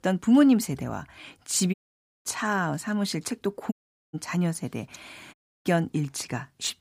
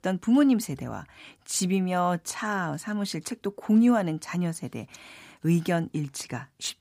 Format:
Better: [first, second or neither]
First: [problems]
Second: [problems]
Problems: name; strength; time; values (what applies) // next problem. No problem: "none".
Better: second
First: audio cutting out; at 1.5 s for 0.5 s, at 3.5 s and at 5.5 s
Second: none